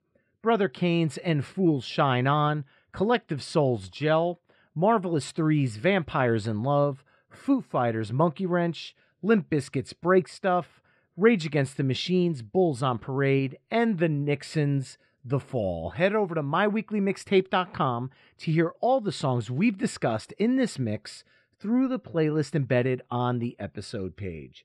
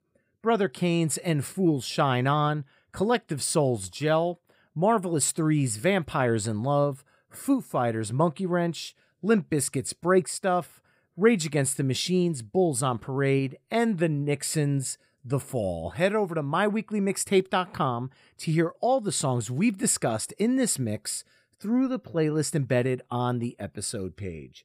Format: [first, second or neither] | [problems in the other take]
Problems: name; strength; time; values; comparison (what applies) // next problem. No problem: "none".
second | muffled; slightly; fading above 3.5 kHz